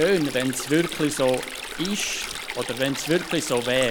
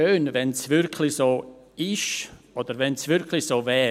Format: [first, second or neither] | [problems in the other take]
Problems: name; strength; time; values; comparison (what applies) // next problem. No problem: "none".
second | background sound (Stream); 9 dB below the speech